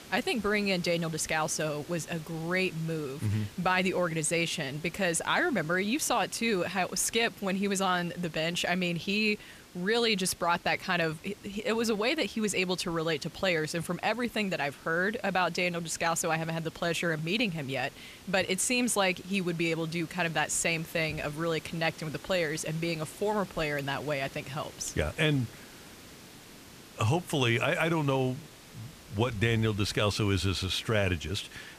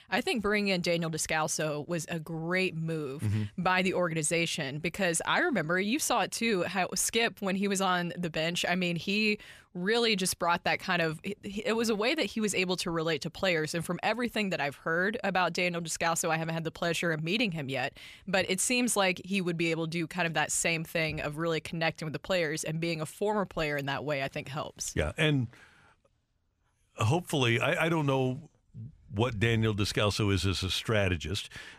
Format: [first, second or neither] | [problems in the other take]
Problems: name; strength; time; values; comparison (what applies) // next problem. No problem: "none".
second | hiss; noticeable; throughout; 20 dB below the speech